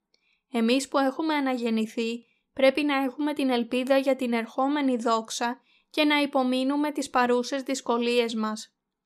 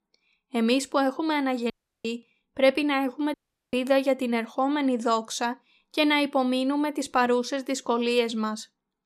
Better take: first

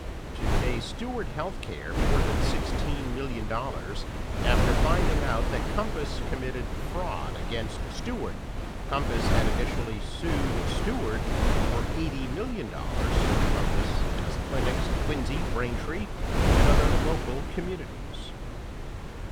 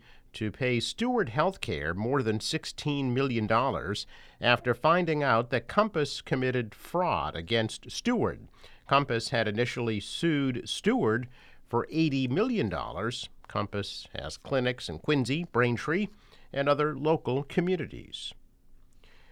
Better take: second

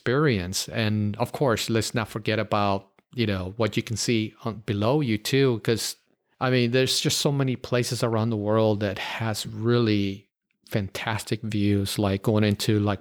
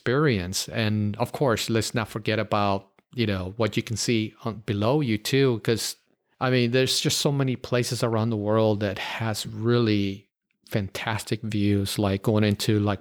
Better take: neither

